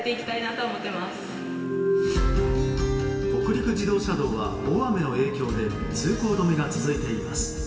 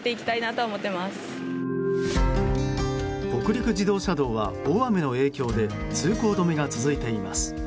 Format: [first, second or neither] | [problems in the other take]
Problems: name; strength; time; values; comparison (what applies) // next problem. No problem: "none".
second | room echo; dies away in 2.5 s